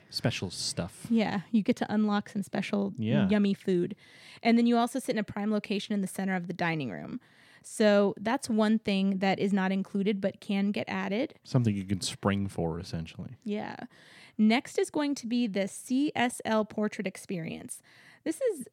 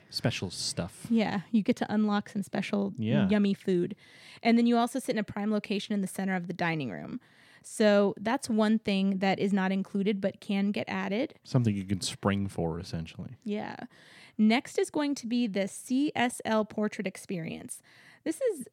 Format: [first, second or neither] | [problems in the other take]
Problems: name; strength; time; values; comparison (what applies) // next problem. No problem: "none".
neither | none